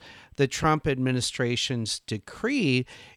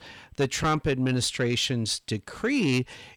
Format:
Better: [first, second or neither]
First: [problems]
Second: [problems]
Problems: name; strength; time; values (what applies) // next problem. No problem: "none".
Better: first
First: none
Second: distortion; slight; 10 dB below the speech